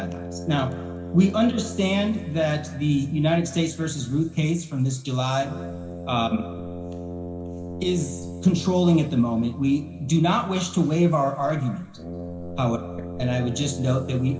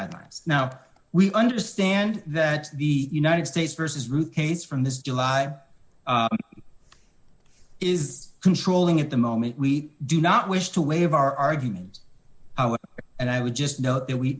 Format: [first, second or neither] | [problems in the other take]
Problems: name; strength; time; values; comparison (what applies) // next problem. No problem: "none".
second | background sound (Brass instrument); 11 dB below the speech // room echo; dies away in 2.7 s